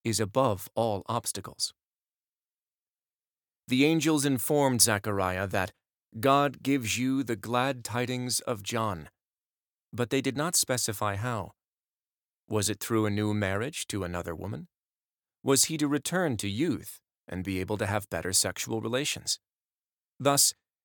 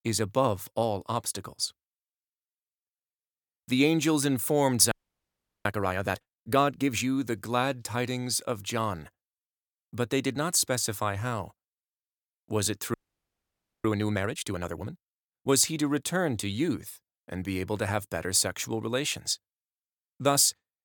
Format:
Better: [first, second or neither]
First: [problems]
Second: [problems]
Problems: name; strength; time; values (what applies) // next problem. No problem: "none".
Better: first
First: none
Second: audio freezing; at 5 s for 0.5 s and at 13 s for 1 s